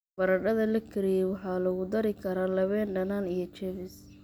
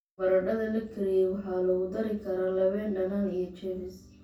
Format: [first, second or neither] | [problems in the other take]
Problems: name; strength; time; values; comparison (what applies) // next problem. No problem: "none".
first | room echo; dies away in 0.3 s